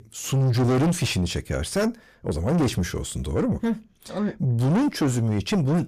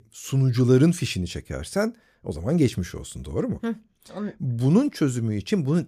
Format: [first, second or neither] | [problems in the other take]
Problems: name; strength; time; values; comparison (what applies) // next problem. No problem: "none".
second | distortion; heavy; 6 dB below the speech